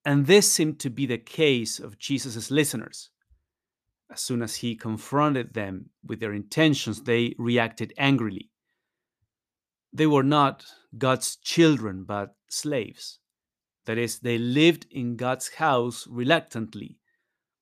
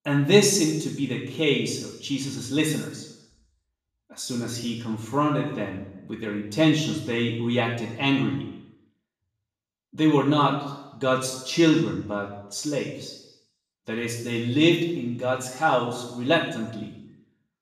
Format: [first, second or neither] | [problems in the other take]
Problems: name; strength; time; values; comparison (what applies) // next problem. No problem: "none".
first | room echo; noticeable; dies away in 0.8 s // off-mic speech; far